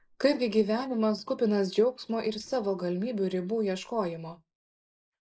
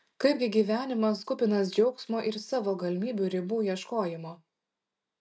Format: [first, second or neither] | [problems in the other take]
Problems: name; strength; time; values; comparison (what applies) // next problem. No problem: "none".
second | noise reduction (neural mask model Resemble Enhance denoiser)